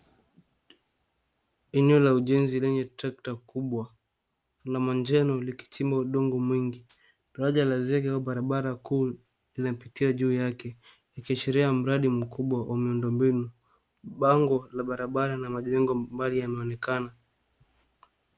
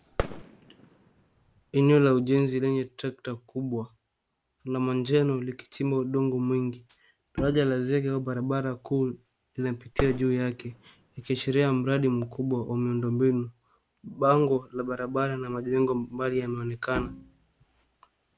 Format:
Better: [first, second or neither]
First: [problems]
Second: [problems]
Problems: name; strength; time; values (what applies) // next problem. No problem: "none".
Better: first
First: none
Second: background sound (Bowed string instrument + Fireworks); 11 dB below the speech